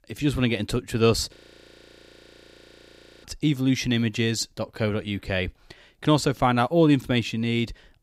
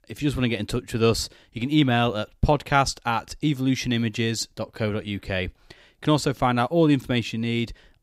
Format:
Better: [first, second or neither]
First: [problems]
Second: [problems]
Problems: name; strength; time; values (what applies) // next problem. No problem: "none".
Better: second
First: audio freezing; at 1.5 s for 2 s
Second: none